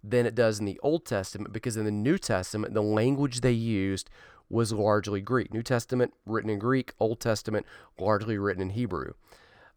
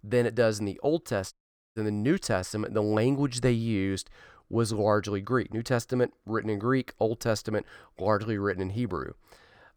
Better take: first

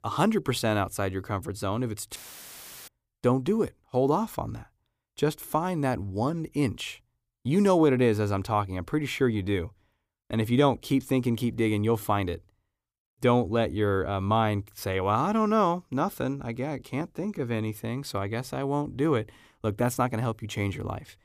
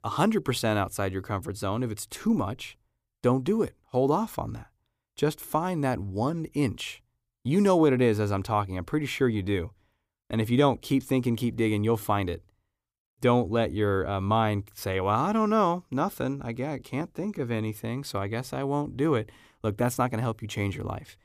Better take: second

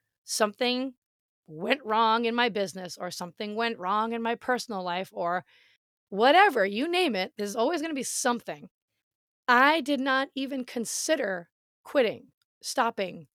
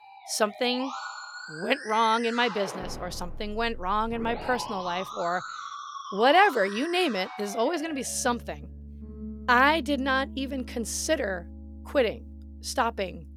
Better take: first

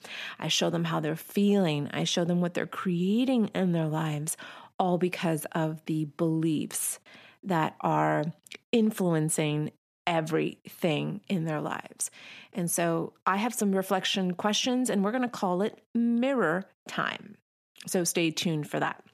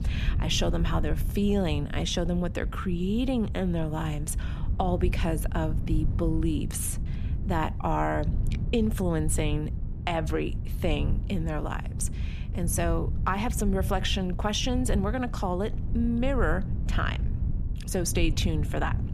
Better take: first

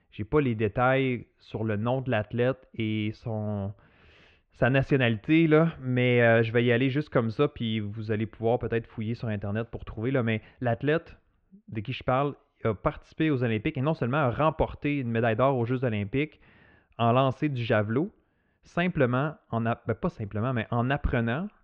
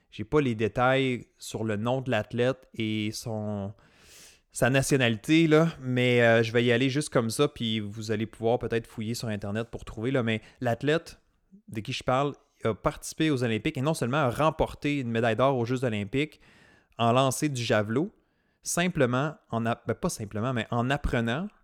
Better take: second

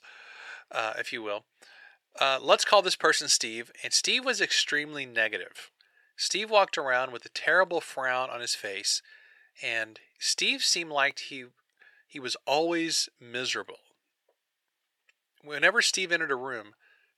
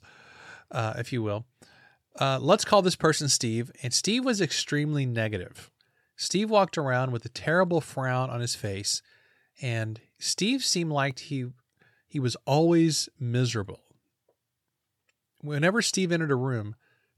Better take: second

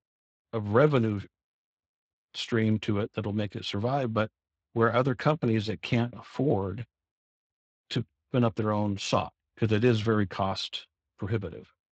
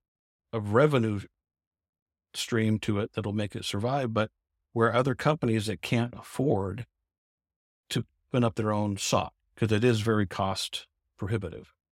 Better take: second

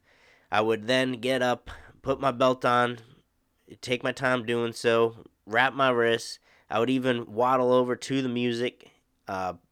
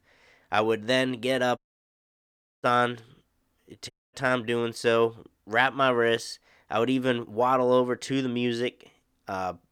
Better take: first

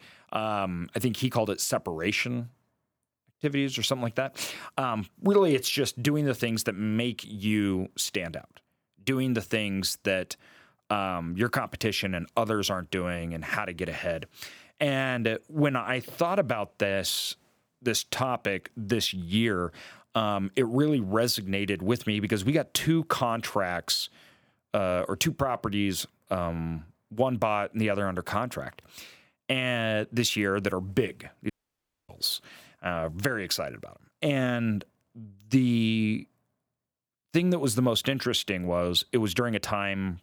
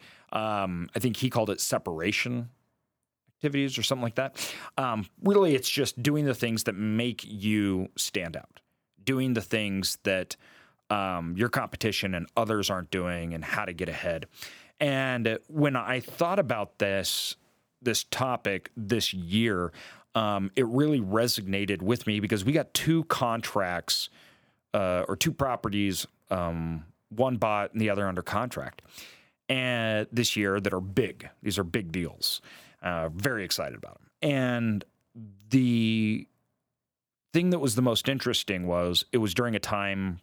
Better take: second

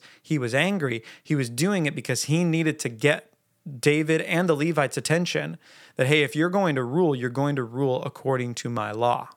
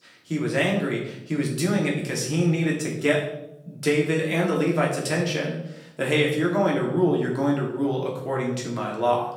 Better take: first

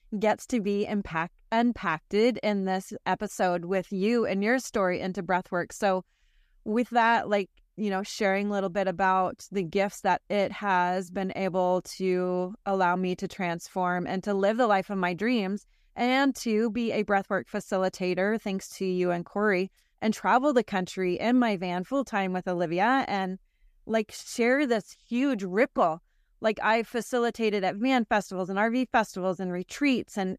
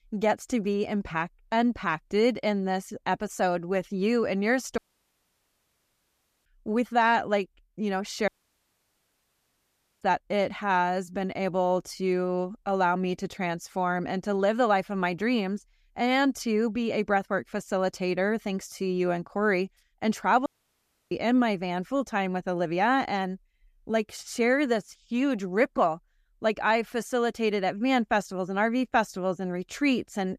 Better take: first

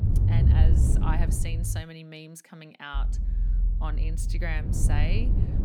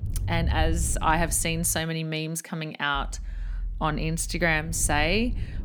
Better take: second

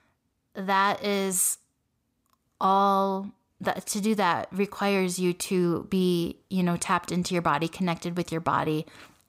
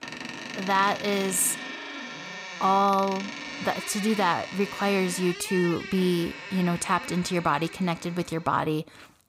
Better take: first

